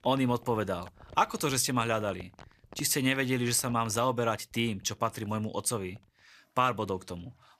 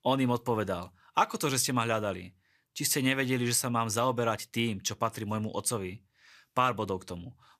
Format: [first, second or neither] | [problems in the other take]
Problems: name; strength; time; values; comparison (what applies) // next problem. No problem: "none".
second | household noises; faint; throughout; 25 dB below the speech